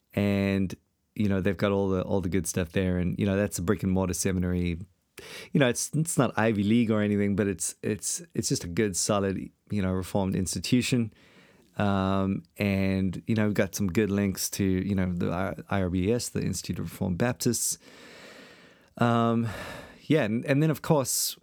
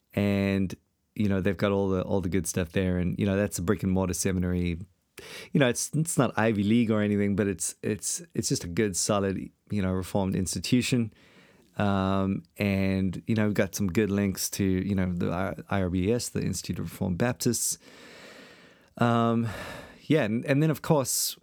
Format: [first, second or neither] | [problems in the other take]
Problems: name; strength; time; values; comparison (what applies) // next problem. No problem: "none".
neither | none